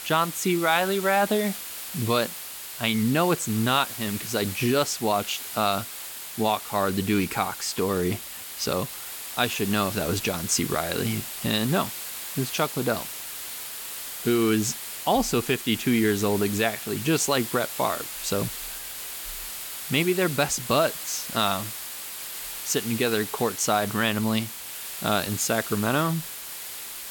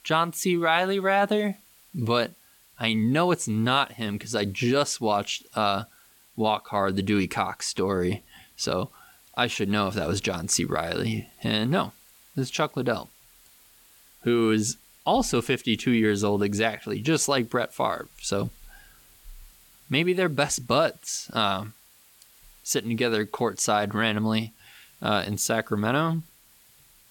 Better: second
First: hiss; loud; throughout; 8 dB below the speech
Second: hiss; faint; throughout; 30 dB below the speech

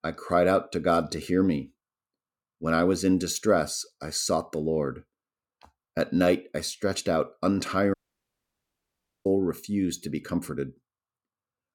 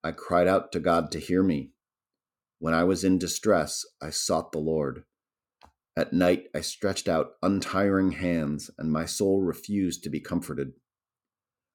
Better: second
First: audio cutting out; at 8 s for 1.5 s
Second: none

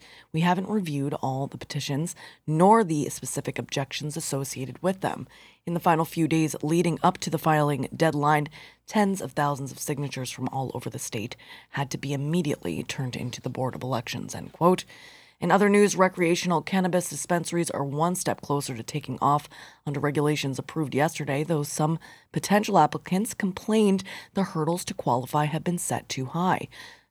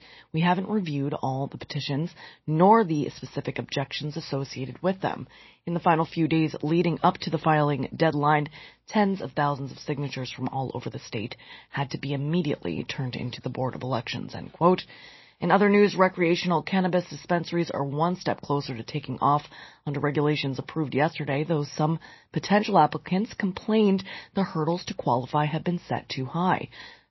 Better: first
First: none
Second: garbled, watery; slightly; nothing above 5.5 kHz

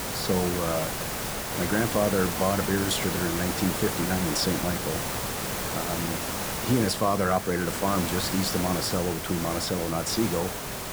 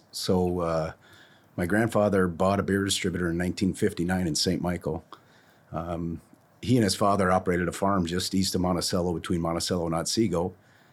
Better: second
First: hiss; loud; throughout; 2 dB below the speech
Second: none

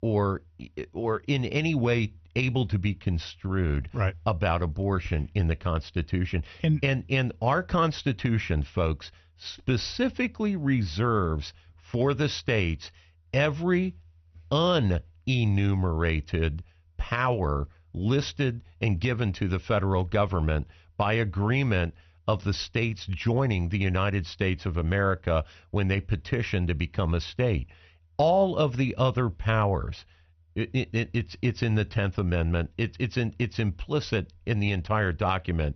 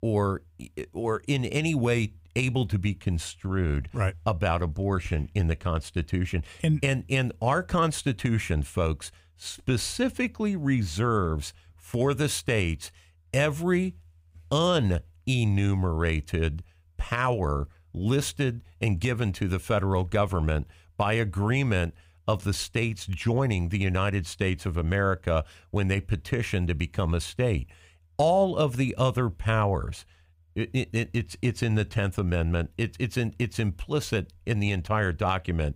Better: second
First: garbled, watery; slightly; nothing above 6 kHz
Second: none

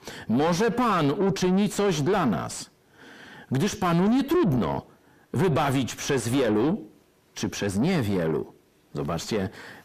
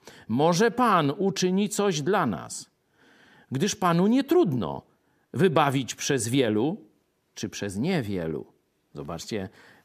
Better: second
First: distortion; heavy; 6 dB below the speech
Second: none

